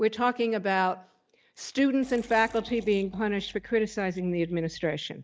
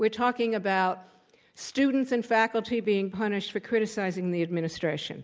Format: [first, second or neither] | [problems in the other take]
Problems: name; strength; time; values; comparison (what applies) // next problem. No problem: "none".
second | noise reduction (neural mask model DeepFilterNet 3)